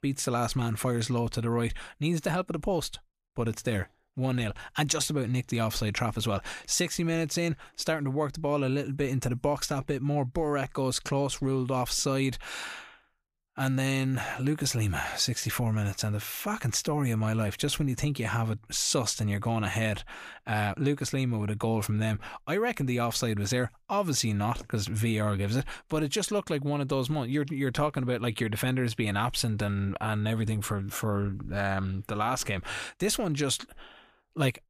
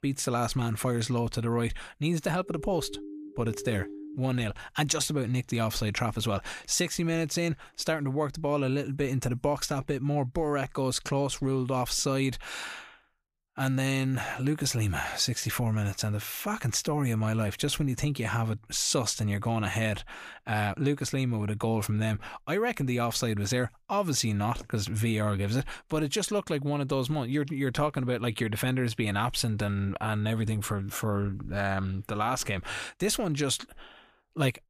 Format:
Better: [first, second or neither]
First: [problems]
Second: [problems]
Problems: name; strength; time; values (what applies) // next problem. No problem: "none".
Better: first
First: none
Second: siren; faint; from 2.5 to 4 s; peak 10 dB below the speech